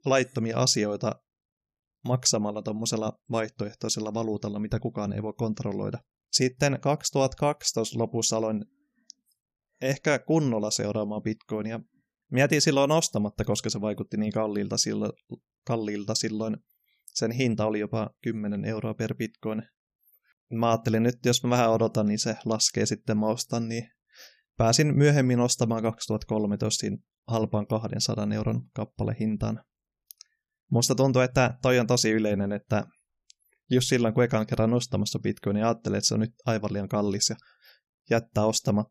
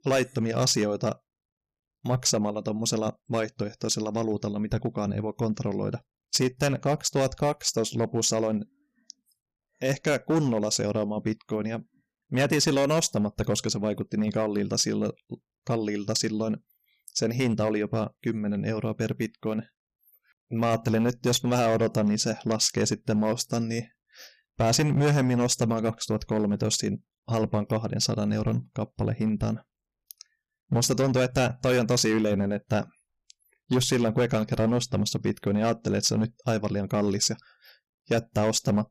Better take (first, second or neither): first